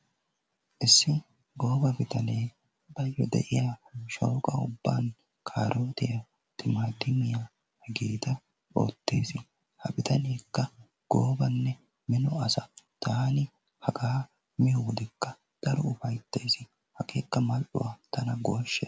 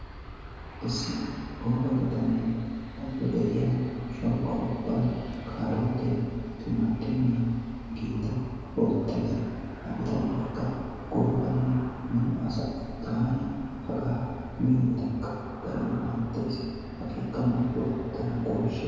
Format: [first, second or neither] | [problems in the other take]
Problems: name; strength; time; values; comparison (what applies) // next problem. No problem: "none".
first | background sound (Aircraft); 12 dB below the speech // room echo; dies away in 2.2 s